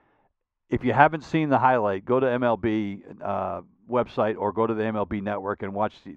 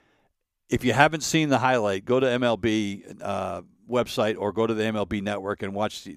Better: second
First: muffled; very; fading above 2 kHz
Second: none

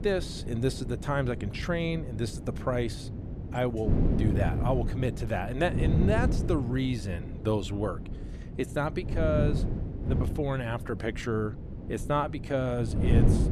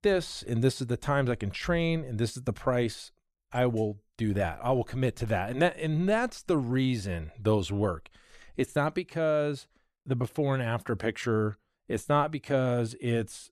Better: second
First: wind noise on the microphone; heavy; 8 dB below the speech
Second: none

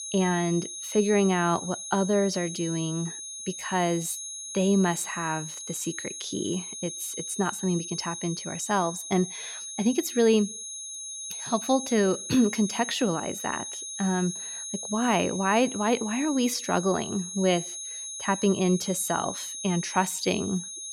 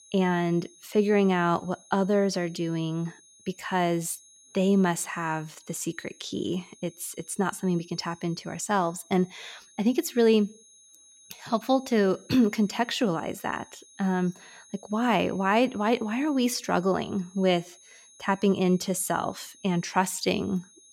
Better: second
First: high-pitched whine; loud; throughout; 6.5 kHz, 7 dB below the speech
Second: high-pitched whine; faint; throughout; 6.5 kHz, 25 dB below the speech

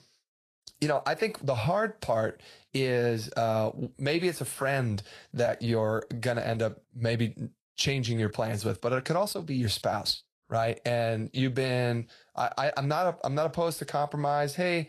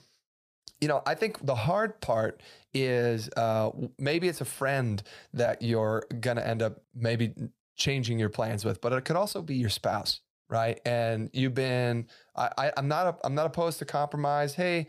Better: second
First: garbled, watery; slightly; nothing above 12.5 kHz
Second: none

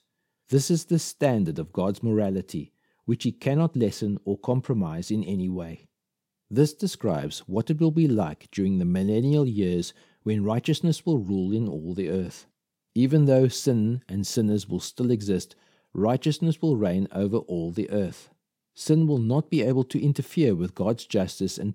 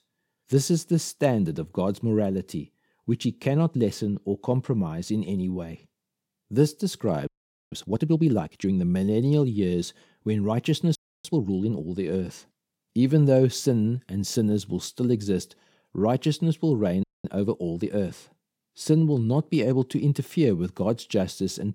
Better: first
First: none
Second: audio freezing; at 7.5 s, at 11 s and at 17 s

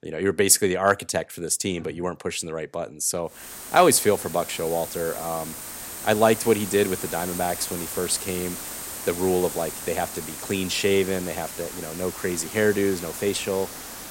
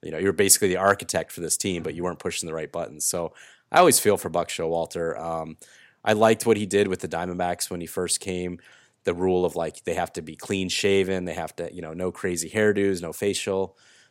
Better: second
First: hiss; loud; from 3.5 s on; 9 dB below the speech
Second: none

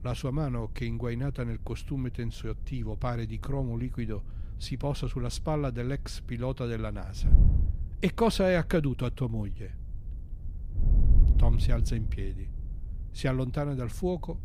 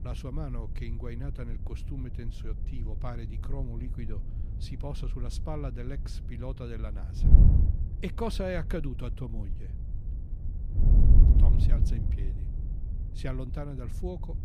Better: first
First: wind noise on the microphone; occasional gusts; 15 dB below the speech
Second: wind noise on the microphone; heavy; 5 dB below the speech

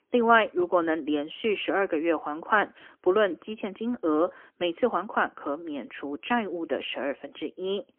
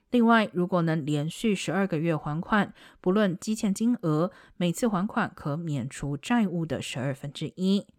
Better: second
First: phone-call audio; poor line; nothing above 3 kHz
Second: none

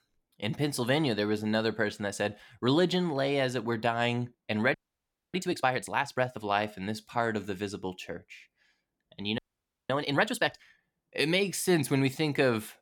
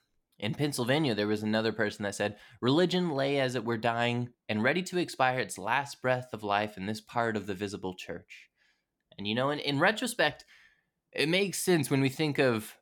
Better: second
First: audio freezing; at 4.5 s for 0.5 s and at 9.5 s for 0.5 s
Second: none

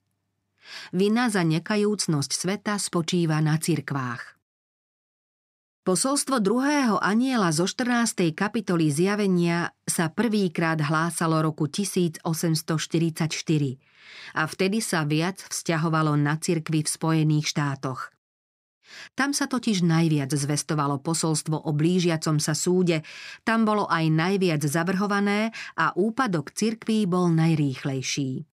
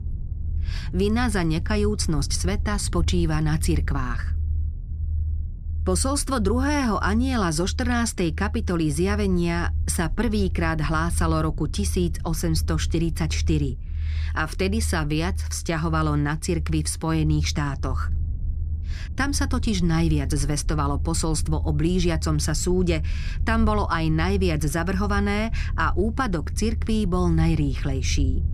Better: first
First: none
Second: low rumble; noticeable; throughout; 20 dB below the speech

